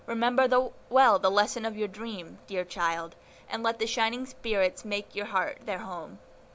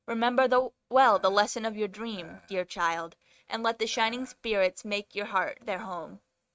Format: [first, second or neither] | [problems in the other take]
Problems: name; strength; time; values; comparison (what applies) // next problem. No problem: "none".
first | noise reduction (neural mask model RNNoise)